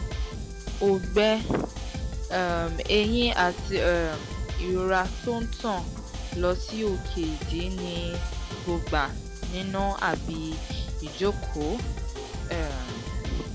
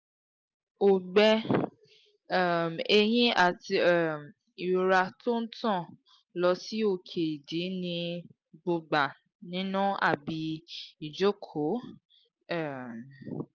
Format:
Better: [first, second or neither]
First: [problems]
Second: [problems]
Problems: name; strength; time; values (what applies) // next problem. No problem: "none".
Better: second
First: background sound (Drum kit); 3 dB below the speech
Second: none